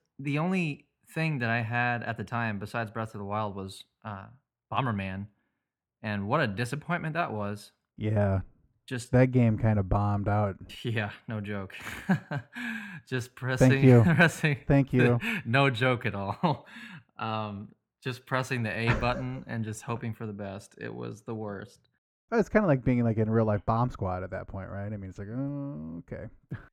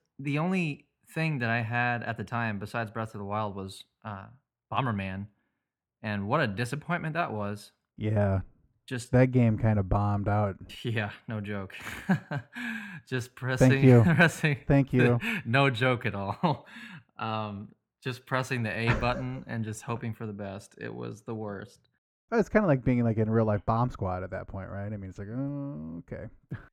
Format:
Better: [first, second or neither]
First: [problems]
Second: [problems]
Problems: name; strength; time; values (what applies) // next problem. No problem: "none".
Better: neither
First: muffled; slightly; fading above 2.5 kHz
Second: muffled; slightly; fading above 2.5 kHz